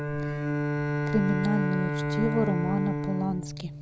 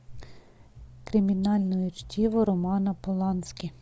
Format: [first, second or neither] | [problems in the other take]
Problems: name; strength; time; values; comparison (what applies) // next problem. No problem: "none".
second | background sound (Bowed string instrument); as loud as the speech